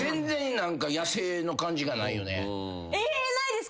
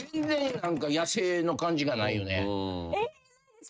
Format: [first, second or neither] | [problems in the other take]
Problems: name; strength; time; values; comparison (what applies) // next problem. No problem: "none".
first | noise reduction (neural mask model RNNoise)